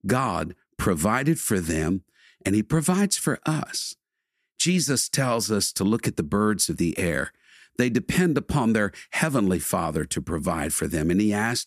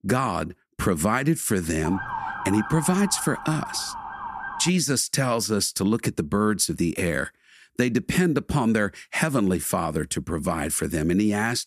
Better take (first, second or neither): first